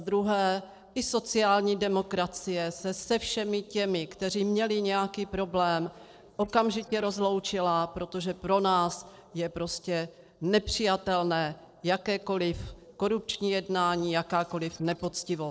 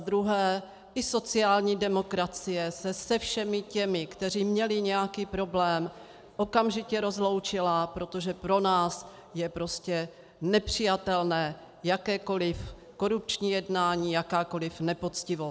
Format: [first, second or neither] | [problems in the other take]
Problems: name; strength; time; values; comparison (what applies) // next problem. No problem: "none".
second | noise reduction (neural separator model SepFormer DNS4)